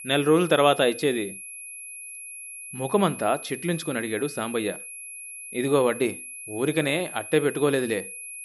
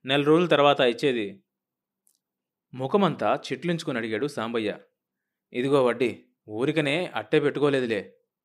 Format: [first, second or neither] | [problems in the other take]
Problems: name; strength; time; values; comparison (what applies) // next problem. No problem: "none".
second | high-pitched whine; noticeable; throughout; 11 kHz, 10 dB below the speech